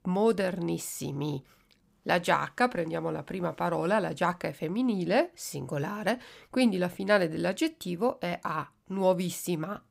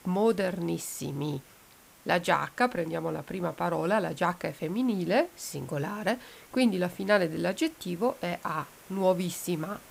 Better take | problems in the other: first | hiss; faint; throughout; 25 dB below the speech

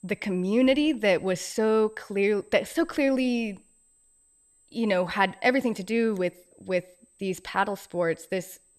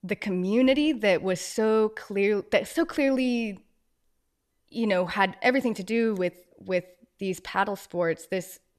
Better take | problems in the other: second | high-pitched whine; faint; throughout; 8 kHz, 35 dB below the speech

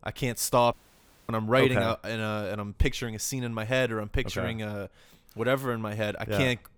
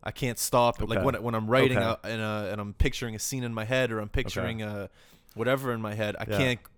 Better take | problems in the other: second | audio cutting out; at 0.5 s for 0.5 s

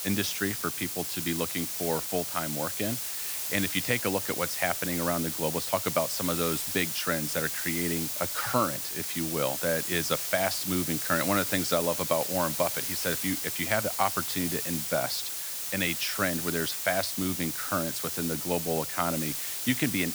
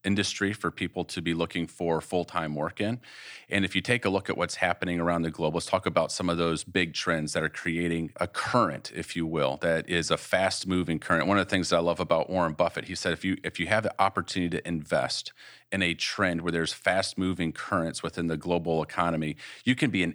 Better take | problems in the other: second | hiss; loud; throughout; as loud as the speech

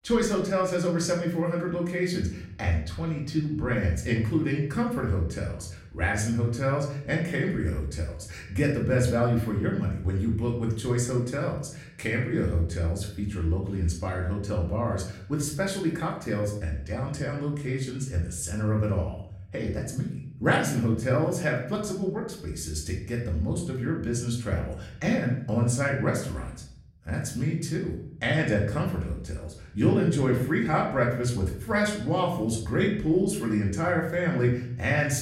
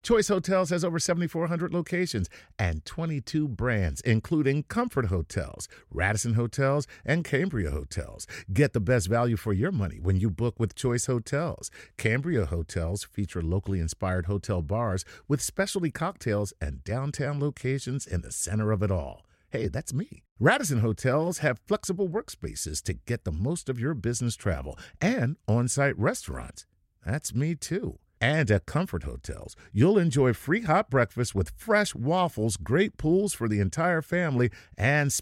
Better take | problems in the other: second | room echo; slight; dies away in 0.6 s // off-mic speech; far

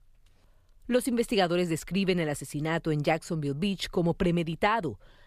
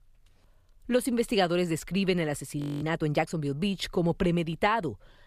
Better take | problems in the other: first | audio freezing; at 2.5 s

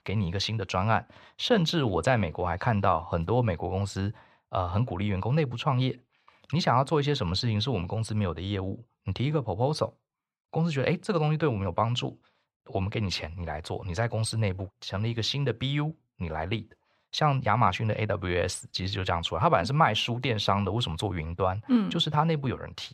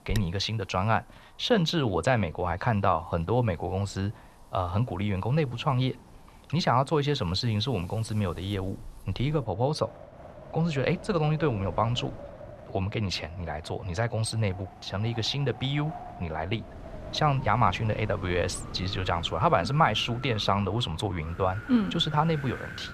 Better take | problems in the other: first | wind in the background; noticeable; throughout; 15 dB below the speech

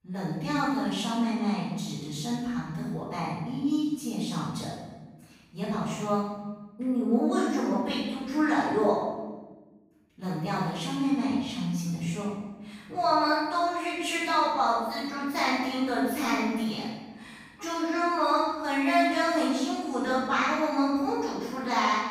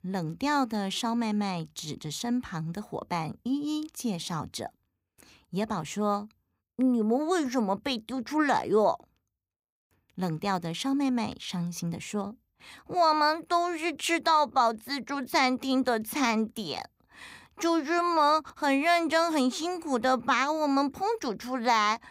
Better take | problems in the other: second | off-mic speech; far // room echo; strong; dies away in 1.1 s

